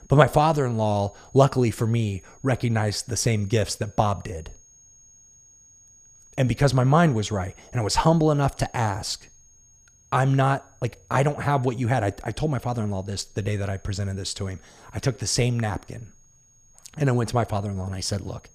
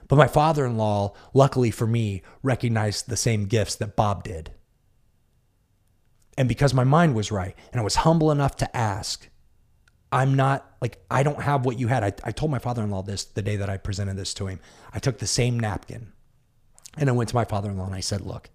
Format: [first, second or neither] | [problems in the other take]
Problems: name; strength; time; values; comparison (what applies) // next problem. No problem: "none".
second | high-pitched whine; faint; throughout; 6.5 kHz, 30 dB below the speech